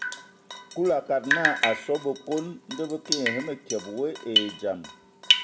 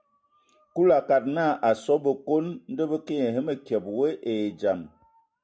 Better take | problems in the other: second | background sound (Drip); as loud as the speech

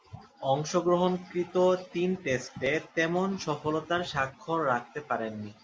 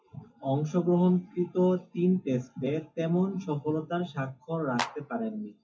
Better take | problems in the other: first | noise reduction (classical method WPE with log-MMSE)

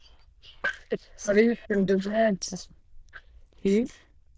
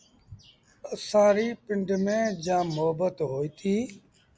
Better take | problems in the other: second | noise reduction (neural diffusion model UNIVERSE++)

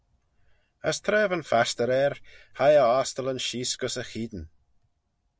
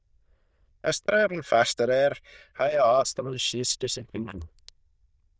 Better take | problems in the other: first | noise reduction (neural diffusion model UNIVERSE++)

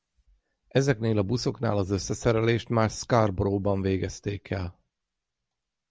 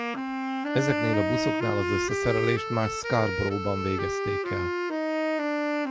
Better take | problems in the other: first | background sound (Wind instrument, woodwind instrument); 1 dB above the speech

